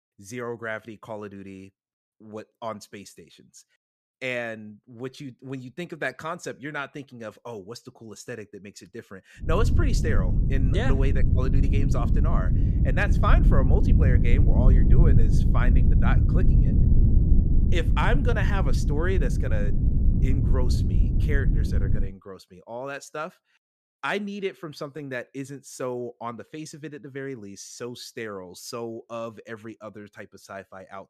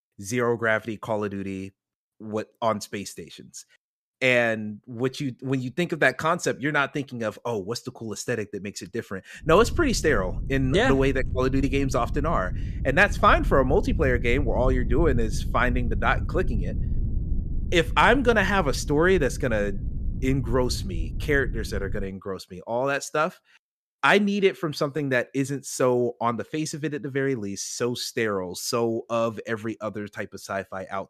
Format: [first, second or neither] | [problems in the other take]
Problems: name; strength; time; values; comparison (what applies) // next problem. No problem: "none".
second | low rumble; loud; from 9.5 to 22 s; 3 dB below the speech; faint in the second